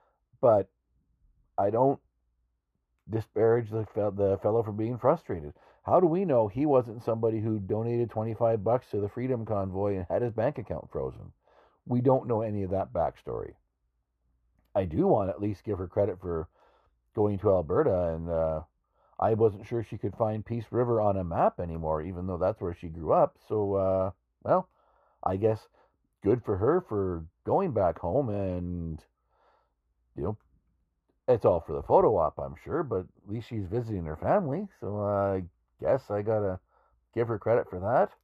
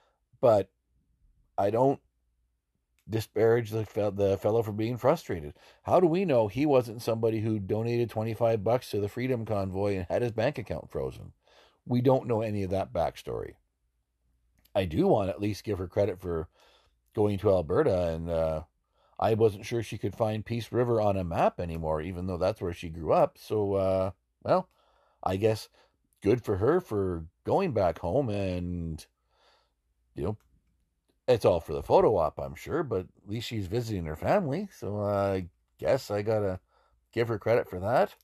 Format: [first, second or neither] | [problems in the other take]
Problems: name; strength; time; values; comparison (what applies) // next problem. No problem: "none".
second | muffled; very; fading above 2 kHz